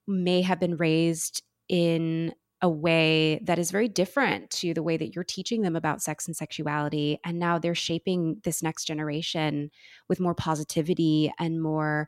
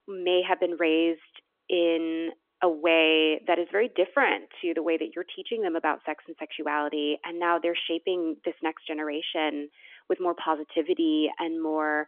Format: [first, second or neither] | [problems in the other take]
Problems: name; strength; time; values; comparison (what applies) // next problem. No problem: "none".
first | phone-call audio; nothing above 3.5 kHz